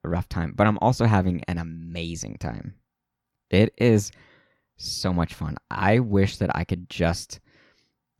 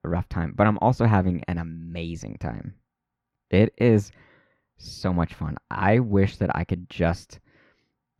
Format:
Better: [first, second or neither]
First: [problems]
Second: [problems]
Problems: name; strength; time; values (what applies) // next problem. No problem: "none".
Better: first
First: none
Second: muffled; slightly; fading above 3.5 kHz